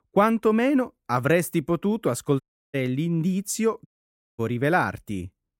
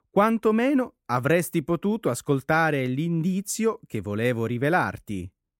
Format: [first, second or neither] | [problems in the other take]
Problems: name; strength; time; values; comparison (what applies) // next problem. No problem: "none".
second | audio cutting out; at 2.5 s and at 4 s for 0.5 s